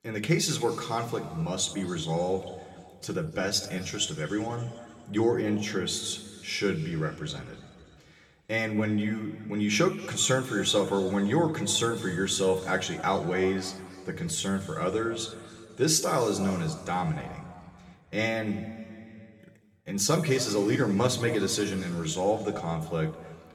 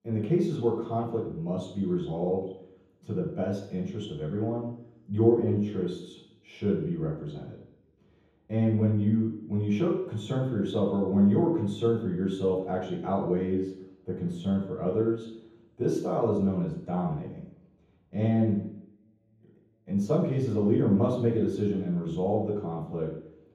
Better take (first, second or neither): first